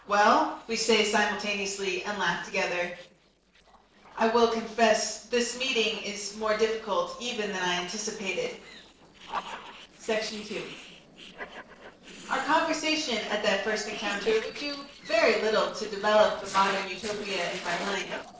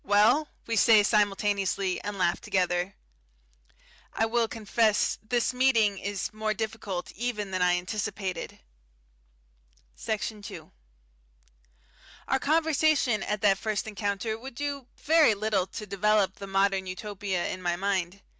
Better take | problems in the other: second | noise reduction (neural separator model SepFormer DNS4)

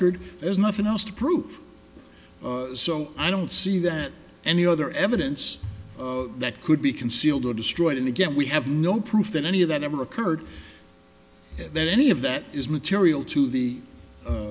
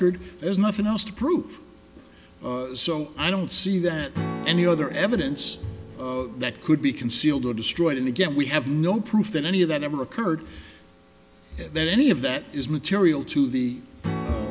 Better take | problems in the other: first | background sound (Strum); 15 dB below the speech

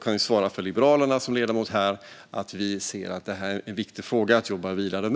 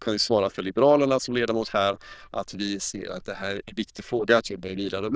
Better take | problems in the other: first | noise reduction (neural diffusion model UNIVERSE++)

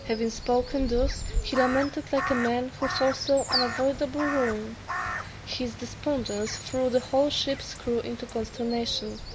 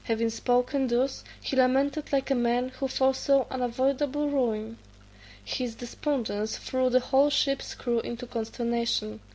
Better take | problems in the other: second | background sound (Crow); 6 dB below the speech

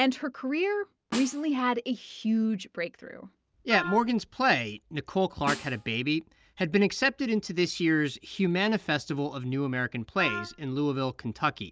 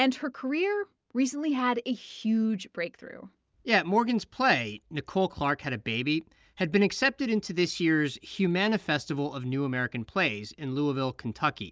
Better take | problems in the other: second | background sound (Wind instrument, woodwind instrument + Snare drum); 11 dB below the speech

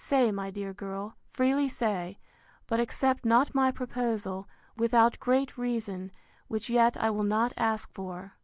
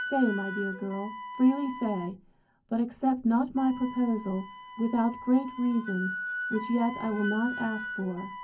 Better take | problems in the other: first | background sound (Wind instrument, woodwind instrument); 10 dB below the speech // room echo; dies away in 0.3 s

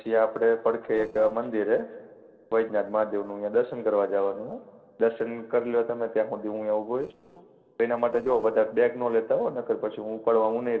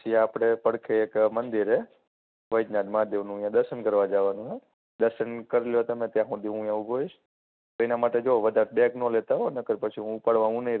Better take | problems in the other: second | noise reduction (neural separator model SepFormer DNS4)

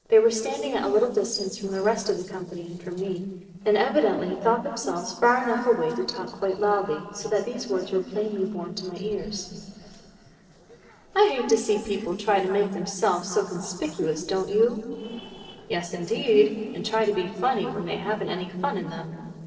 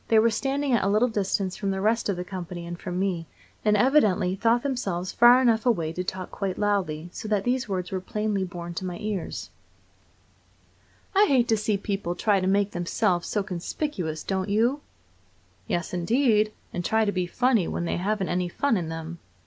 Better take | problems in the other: second | noise reduction (neural separator model SepFormer DNS4)

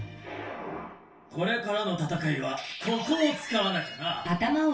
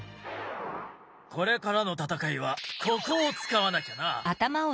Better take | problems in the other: second | room echo; dies away in 0.3 s

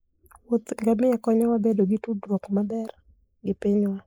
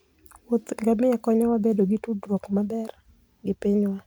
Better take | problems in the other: second | noise reduction (neural mask model Resemble Enhance denoiser)

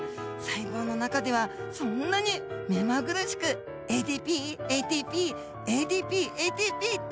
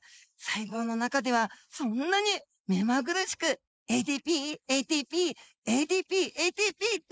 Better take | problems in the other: first | noise reduction (neural mask model Resemble Enhance denoiser)

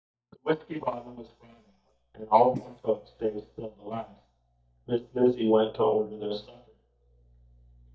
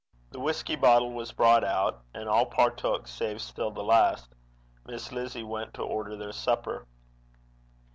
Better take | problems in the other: second | noise reduction (neural mask model DeepFilterNet 3)

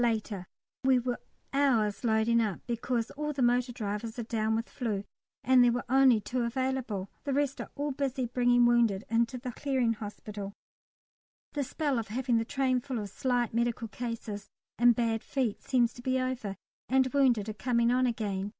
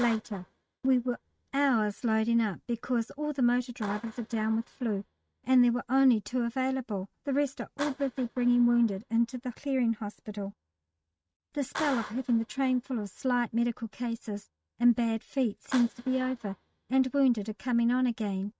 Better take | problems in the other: first | noise reduction (neural mask model RNNoise)

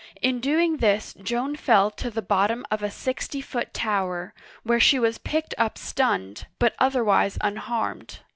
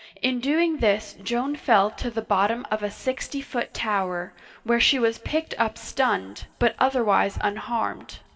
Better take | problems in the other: first | room echo; dies away in 1.6 s

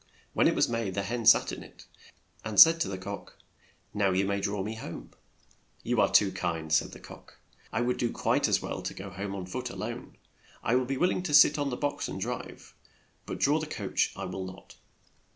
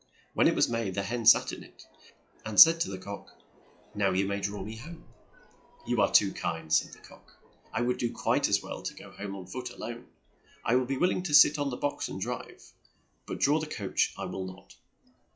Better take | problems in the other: first | noise reduction (classical method log-MMSE)

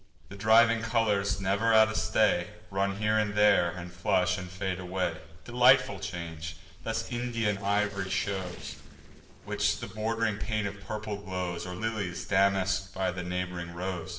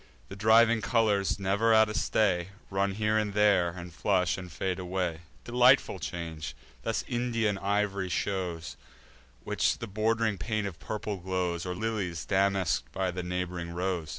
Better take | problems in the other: second | noise reduction (neural separator model SepFormer DNS4)

